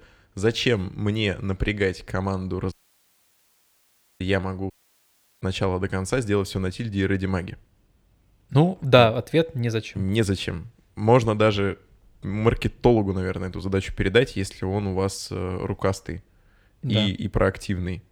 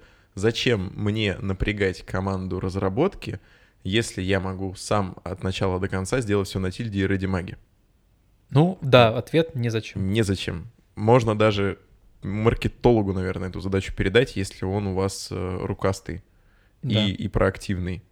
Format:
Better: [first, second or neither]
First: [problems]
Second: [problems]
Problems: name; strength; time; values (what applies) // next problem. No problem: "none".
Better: second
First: audio cutting out; at 2.5 s for 1.5 s and at 4.5 s for 0.5 s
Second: none